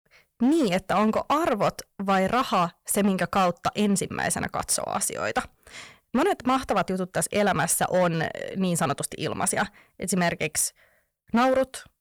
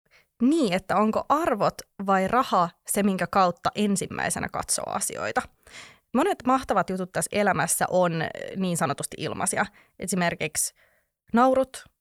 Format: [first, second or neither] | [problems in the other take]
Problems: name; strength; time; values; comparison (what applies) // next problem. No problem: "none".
second | distortion; slight; 6% of the sound clipped